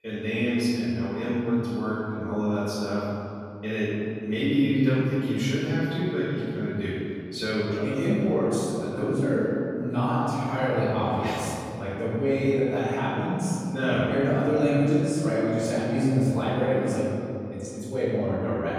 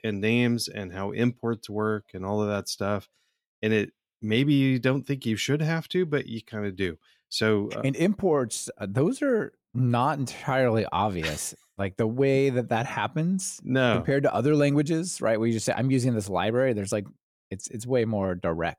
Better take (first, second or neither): second